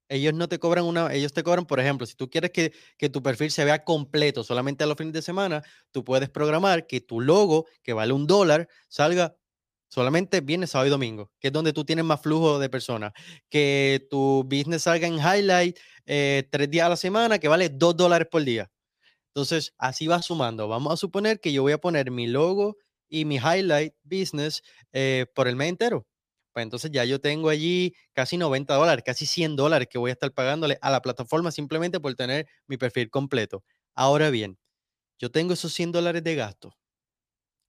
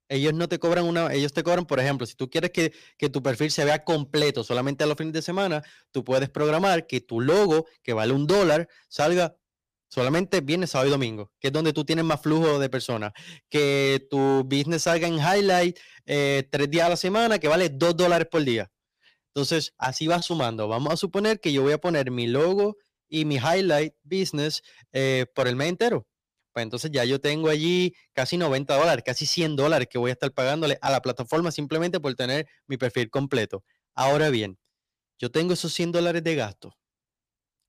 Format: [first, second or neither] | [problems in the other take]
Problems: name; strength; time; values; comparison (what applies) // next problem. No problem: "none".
first | distortion; slight; 5% of the sound clipped